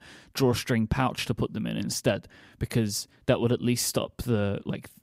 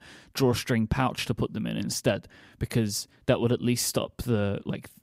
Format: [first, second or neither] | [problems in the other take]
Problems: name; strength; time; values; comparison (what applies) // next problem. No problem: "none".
neither | none